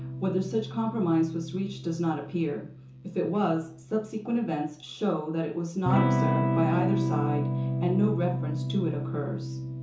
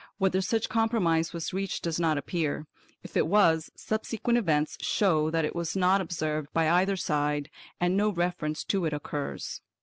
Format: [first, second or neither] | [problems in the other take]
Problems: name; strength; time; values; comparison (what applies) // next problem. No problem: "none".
second | background sound (Electric guitar / Strum); 1 dB below the speech // room echo; dies away in 0.6 s